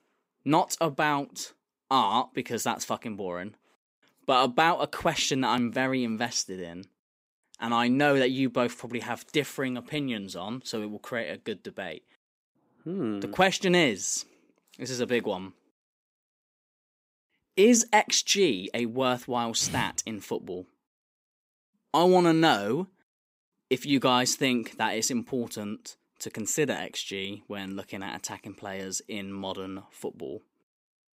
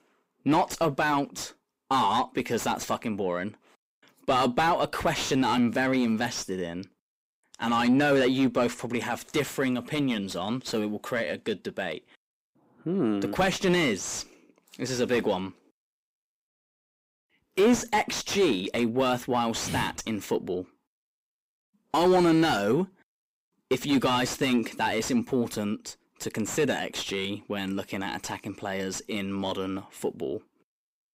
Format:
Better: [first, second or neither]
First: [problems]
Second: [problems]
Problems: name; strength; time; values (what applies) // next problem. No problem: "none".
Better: first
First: none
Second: distortion; heavy; 6 dB below the speech